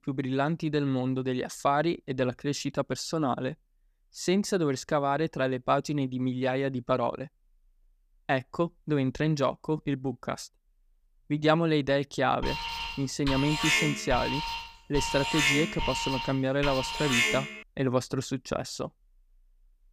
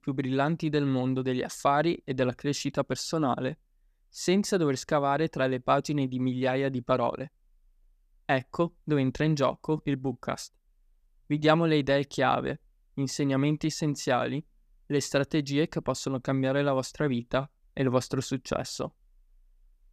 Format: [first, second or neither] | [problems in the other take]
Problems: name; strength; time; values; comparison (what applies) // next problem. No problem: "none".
second | alarm; loud; from 12 to 18 s; peak 5 dB above the speech